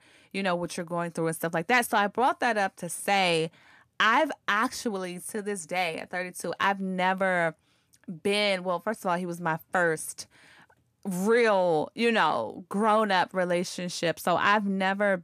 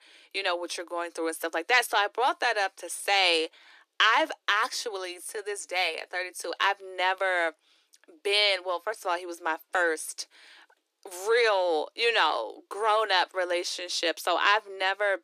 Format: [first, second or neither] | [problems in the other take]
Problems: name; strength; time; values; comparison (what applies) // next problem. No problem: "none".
first | thin; very; fading below 300 Hz